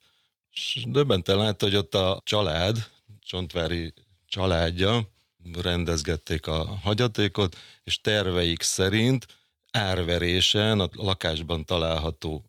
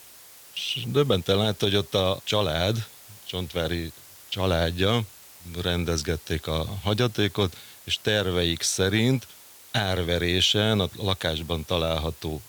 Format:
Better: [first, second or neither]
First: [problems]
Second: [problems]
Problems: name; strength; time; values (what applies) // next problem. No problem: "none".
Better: first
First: none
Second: hiss; faint; throughout; 20 dB below the speech